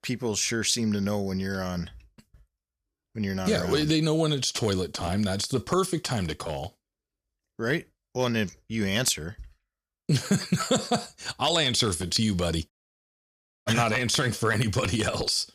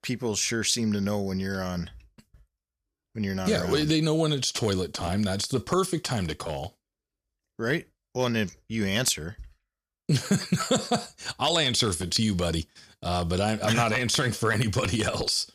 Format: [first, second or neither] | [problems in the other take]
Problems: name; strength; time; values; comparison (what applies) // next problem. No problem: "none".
second | audio cutting out; at 13 s for 1 s